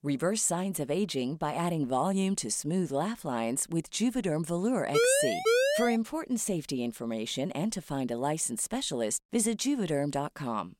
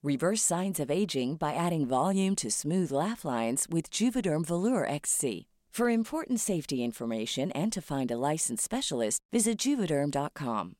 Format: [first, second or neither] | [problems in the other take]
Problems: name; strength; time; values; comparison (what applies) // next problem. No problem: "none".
second | siren; loud; from 5 to 6 s; peak 5 dB above the speech